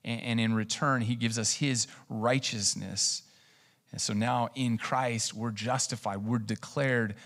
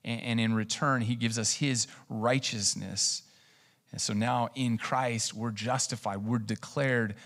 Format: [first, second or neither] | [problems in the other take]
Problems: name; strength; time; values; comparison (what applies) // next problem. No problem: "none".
neither | none